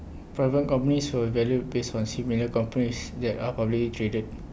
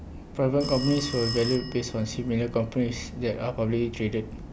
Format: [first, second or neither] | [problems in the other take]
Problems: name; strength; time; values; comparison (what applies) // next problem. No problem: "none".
first | background sound (Telephone); 13 dB below the speech